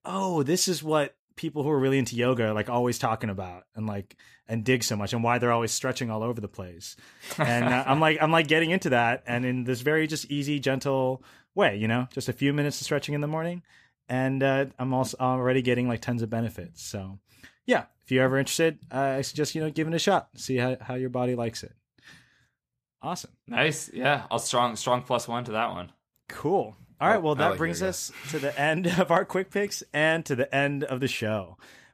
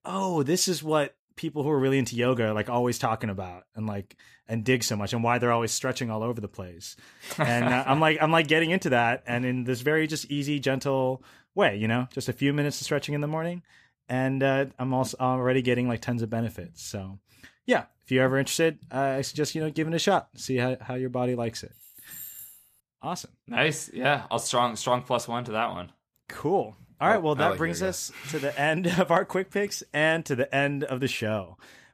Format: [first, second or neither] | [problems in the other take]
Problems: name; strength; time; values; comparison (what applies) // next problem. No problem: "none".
first | jangling keys; faint; at 22 s; peak 10 dB below the speech